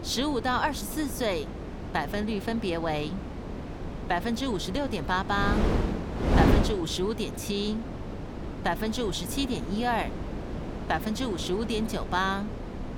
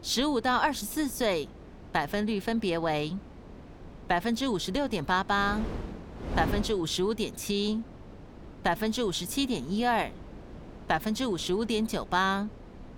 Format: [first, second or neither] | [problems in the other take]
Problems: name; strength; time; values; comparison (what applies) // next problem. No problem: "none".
second | wind noise on the microphone; heavy; 7 dB below the speech; occasional gusts in the second